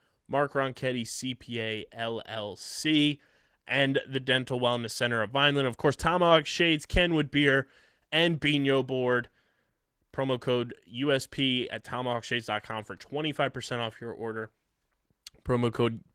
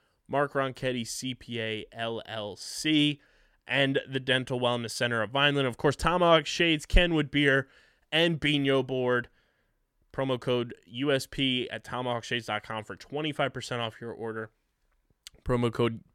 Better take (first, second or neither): second